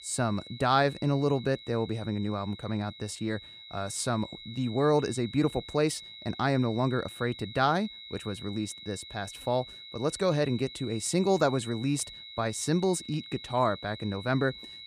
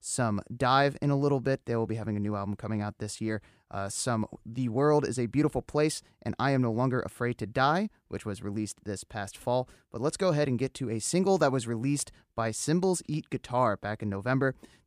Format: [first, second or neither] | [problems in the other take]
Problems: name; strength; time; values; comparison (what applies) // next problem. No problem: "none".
second | high-pitched whine; noticeable; throughout; 4 kHz, 15 dB below the speech